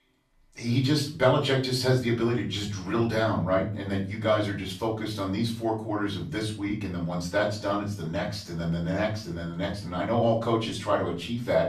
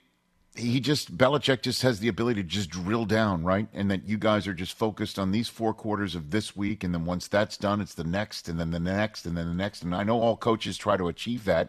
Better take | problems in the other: second | off-mic speech; far // room echo; slight; dies away in 0.4 s

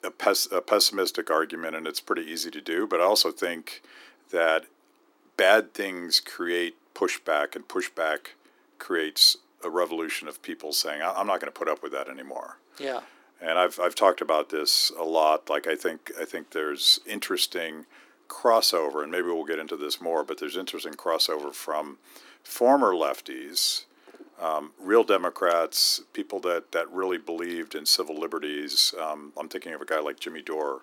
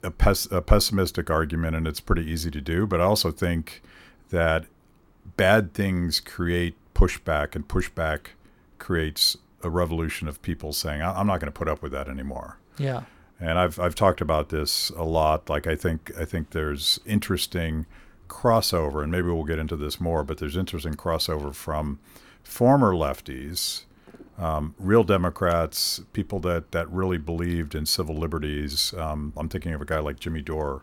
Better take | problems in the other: second | thin; somewhat; fading below 300 Hz

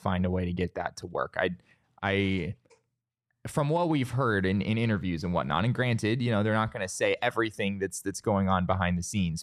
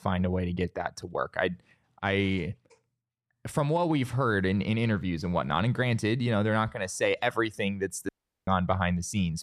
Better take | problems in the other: first | audio cutting out; at 8 s

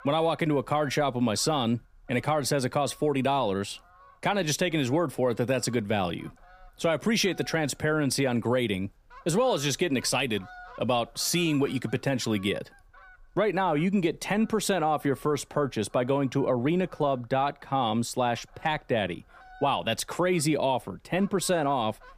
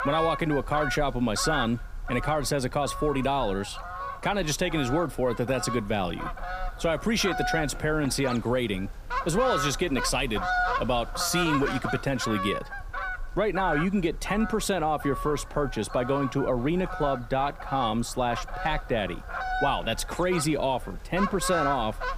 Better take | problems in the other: first | animal sounds; loud; throughout; 6 dB below the speech; faint in the first

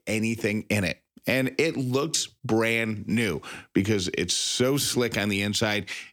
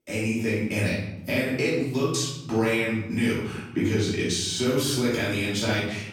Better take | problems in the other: first | off-mic speech; far // room echo; noticeable; dies away in 0.9 s

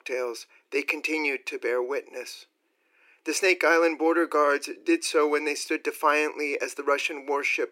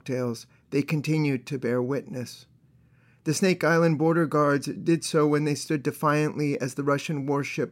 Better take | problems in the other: second | thin; very; fading below 350 Hz

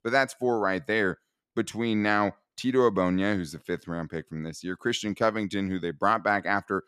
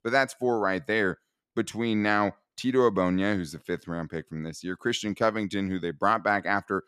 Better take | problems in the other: neither | none

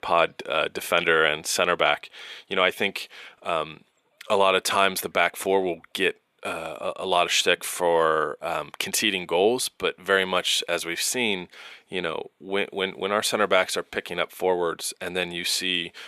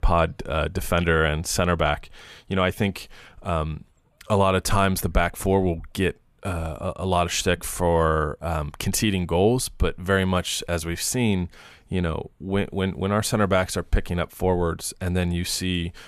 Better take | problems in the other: second | thin; somewhat; fading below 400 Hz

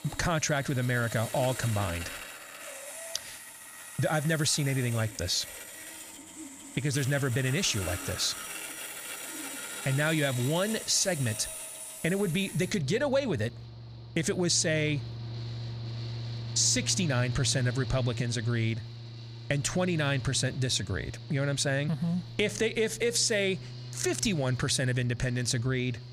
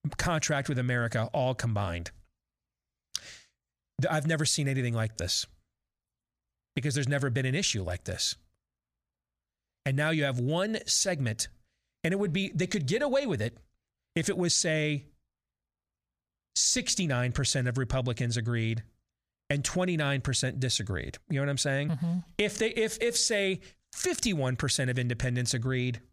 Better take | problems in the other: second | machinery noise; noticeable; throughout; 10 dB below the speech

